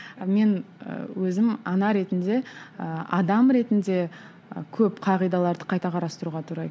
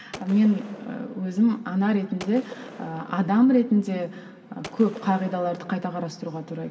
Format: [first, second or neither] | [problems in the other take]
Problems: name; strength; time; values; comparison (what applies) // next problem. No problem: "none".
first | background sound (Gunshot, gunfire); 20 dB below the speech // room echo; dies away in 1.4 s